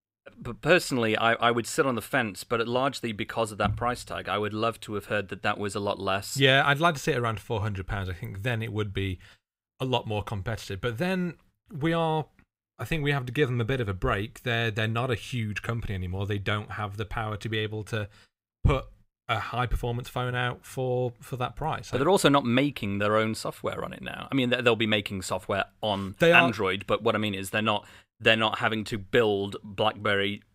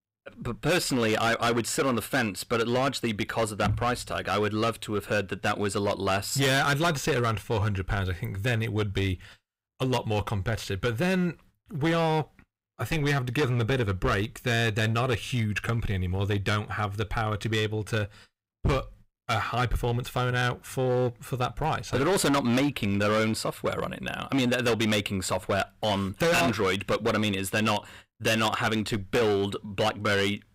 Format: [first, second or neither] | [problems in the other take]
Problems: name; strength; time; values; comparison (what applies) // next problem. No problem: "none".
first | distortion; heavy; 12% of the sound clipped